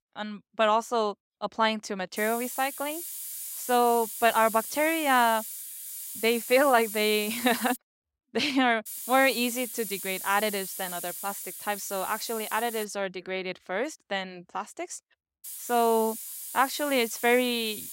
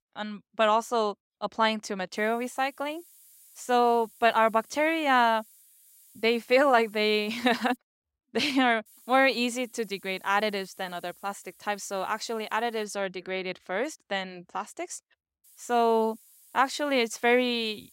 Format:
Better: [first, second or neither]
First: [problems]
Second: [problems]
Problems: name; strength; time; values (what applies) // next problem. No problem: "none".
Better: second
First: hiss; loud; from 2 to 8 s, from 9 to 13 s and from 15 s on; 8 dB below the speech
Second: hiss; faint; from 2 to 8 s, from 9 to 13 s and from 15 s on; 25 dB below the speech